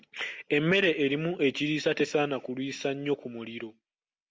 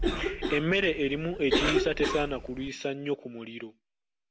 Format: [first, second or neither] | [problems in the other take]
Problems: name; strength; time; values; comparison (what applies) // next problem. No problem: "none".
first | background sound (Cough); 2 dB below the speech